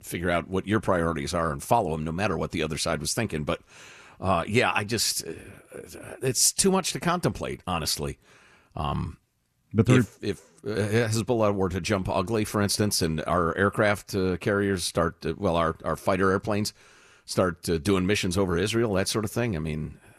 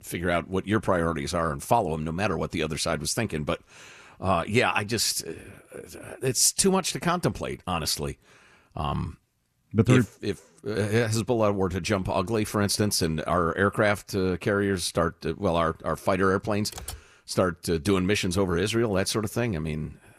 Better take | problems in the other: first | keyboard typing; faint; at 17 s; peak 15 dB below the speech

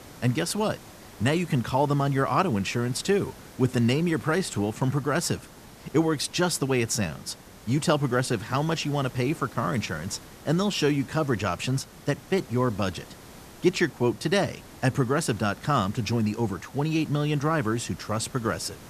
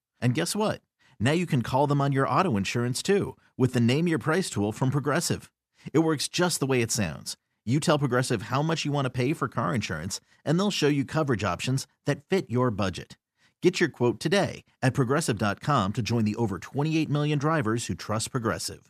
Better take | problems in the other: second | hiss; noticeable; throughout; 20 dB below the speech

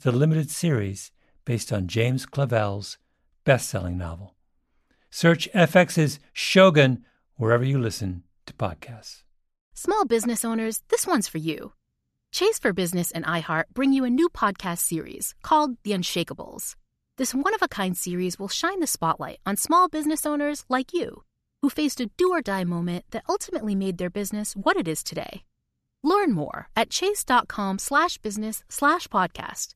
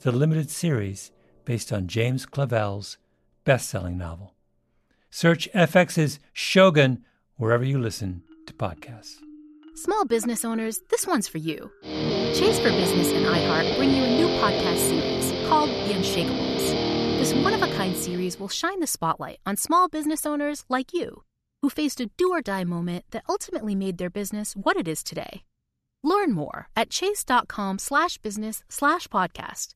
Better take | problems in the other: first | background music; very loud; until 18 s; as loud as the speech

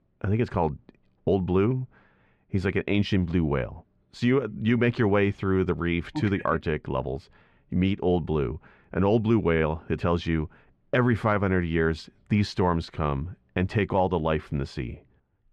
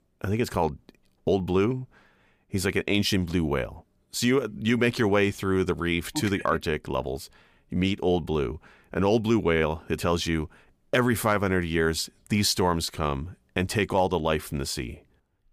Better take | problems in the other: second | muffled; slightly; fading above 2.5 kHz

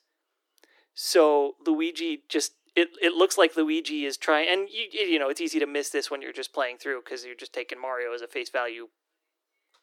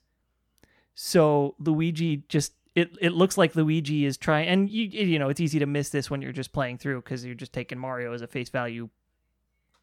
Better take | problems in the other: second | thin; very; fading below 300 Hz

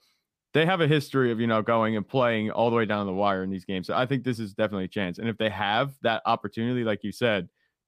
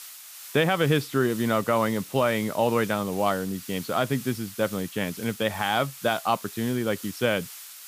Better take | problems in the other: first | hiss; noticeable; throughout; 15 dB below the speech

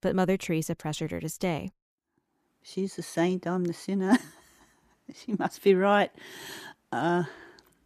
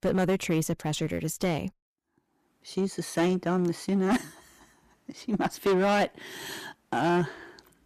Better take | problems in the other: first | distortion; heavy; 7% of the sound clipped

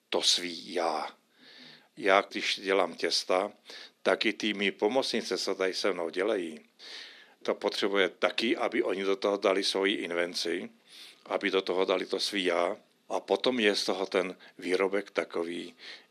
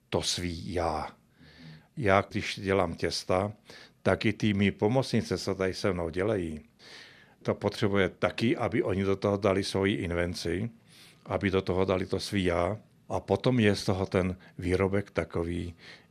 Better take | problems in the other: second | thin; somewhat; fading below 250 Hz

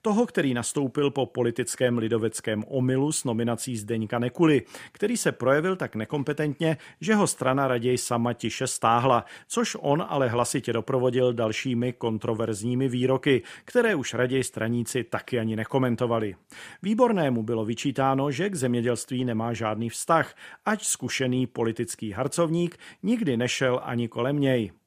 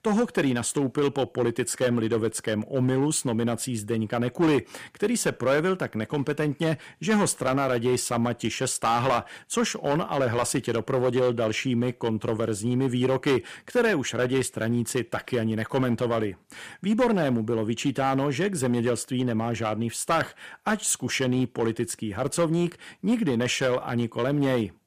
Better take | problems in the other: first | distortion; slight; 5% of the sound clipped

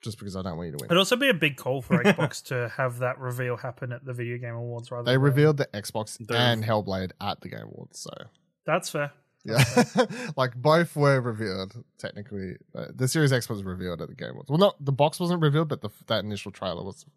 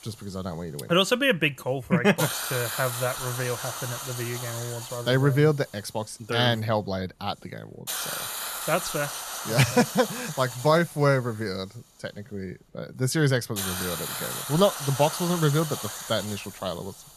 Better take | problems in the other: first | hiss; loud; throughout; 6 dB below the speech

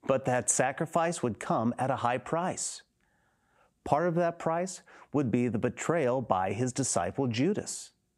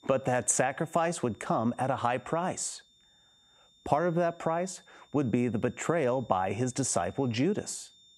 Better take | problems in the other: first | high-pitched whine; faint; throughout; 3.5 kHz, 30 dB below the speech

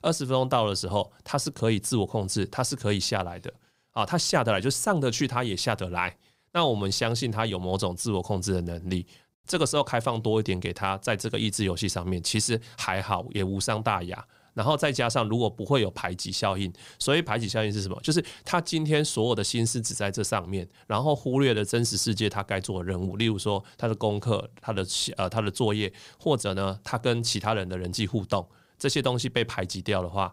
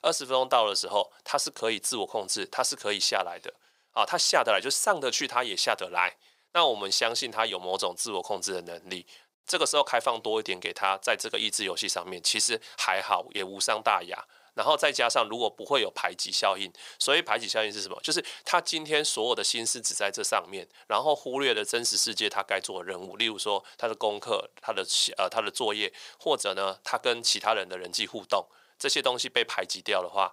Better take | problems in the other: first | thin; very; fading below 600 Hz

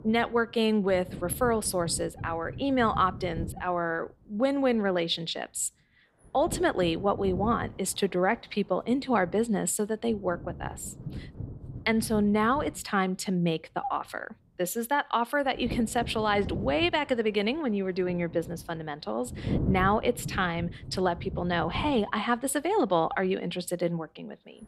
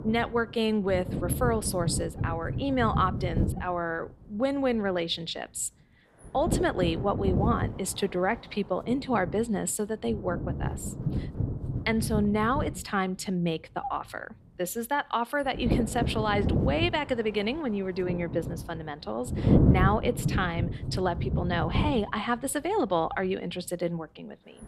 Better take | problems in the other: first | wind noise on the microphone; heavy; 9 dB below the speech; occasional gusts in the first

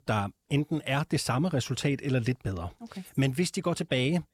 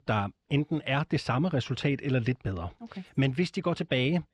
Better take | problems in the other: first | muffled; very slightly; fading above 3 kHz

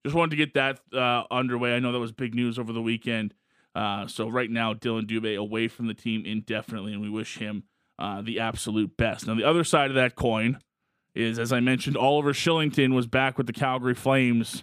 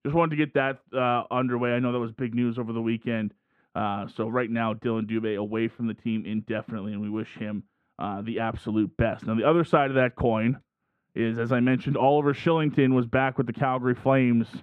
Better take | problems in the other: first | muffled; very; fading above 4 kHz

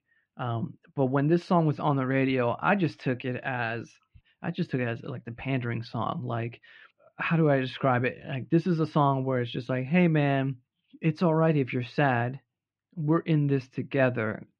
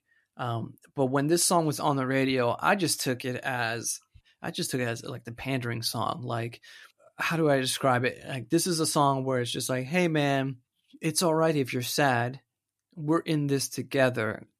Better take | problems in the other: second | muffled; very; fading above 3 kHz

